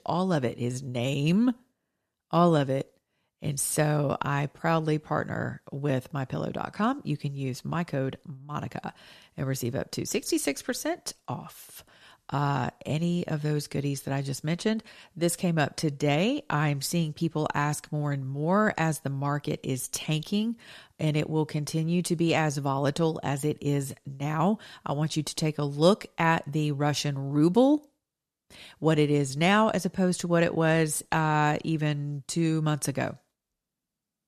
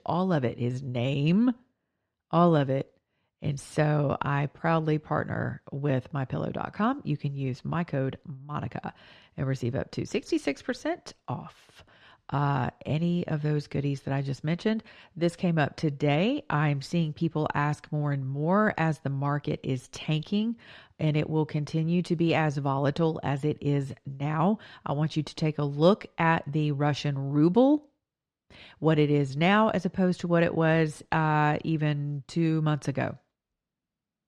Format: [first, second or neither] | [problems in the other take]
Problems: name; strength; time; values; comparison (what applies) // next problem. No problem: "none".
first | muffled; slightly; fading above 3.5 kHz